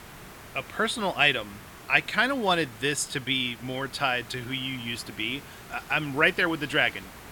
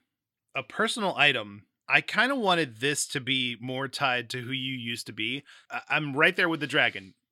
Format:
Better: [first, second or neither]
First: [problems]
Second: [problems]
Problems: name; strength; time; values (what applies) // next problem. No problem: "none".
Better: second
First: hiss; noticeable; throughout; 20 dB below the speech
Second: none